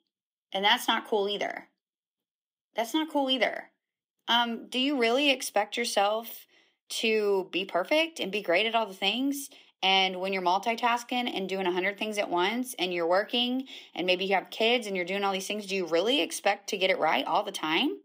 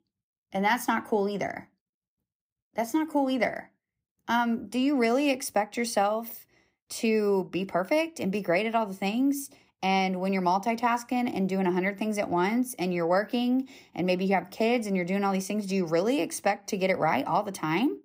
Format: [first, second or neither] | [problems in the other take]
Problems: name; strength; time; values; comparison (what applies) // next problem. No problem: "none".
second | thin; very slightly; fading below 350 Hz